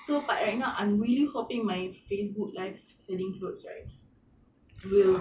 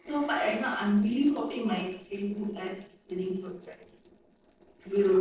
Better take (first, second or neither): first